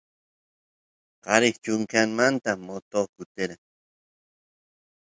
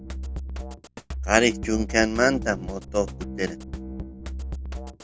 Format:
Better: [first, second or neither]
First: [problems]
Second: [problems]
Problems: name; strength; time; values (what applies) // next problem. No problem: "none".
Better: first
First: none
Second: background sound (Drum kit); 7 dB below the speech